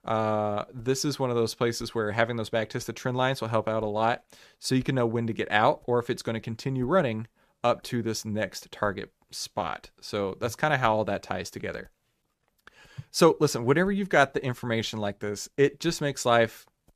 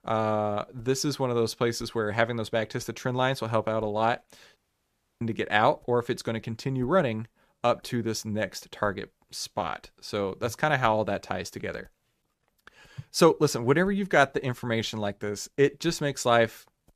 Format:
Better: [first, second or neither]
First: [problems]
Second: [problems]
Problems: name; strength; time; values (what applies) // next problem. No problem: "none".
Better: first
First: none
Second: audio cutting out; at 4.5 s for 0.5 s